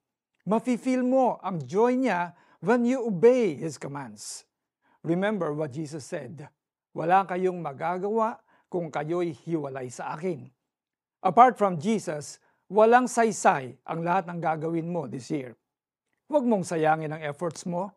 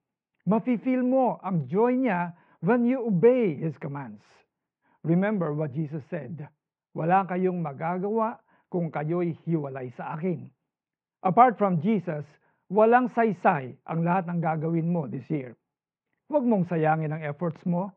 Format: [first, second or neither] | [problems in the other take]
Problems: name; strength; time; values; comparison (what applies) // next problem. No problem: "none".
first | muffled; very; fading above 2.5 kHz